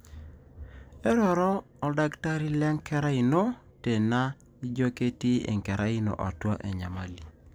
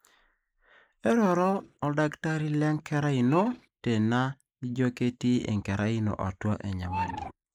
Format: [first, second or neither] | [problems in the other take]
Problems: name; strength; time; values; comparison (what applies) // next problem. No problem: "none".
first | noise reduction (neural mask model Resemble Enhance denoiser)